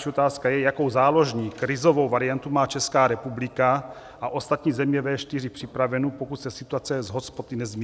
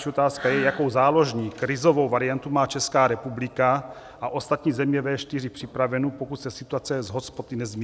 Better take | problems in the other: first | background sound (Breathing); 13 dB below the speech

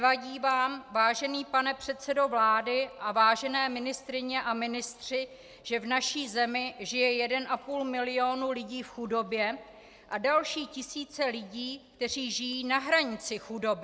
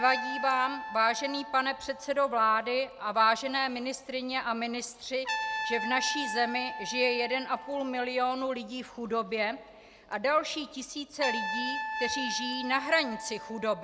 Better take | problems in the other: first | background sound (Trumpet); 8 dB below the speech

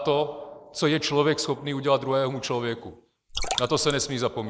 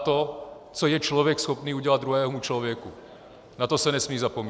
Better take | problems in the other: second | noise reduction (neural mask model Resemble Enhance denoiser)

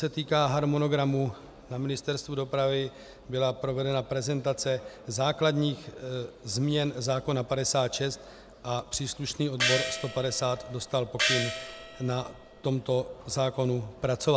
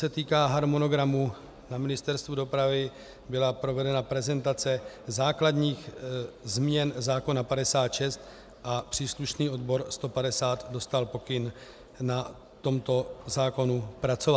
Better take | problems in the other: second | background sound (Gong); 4 dB below the speech

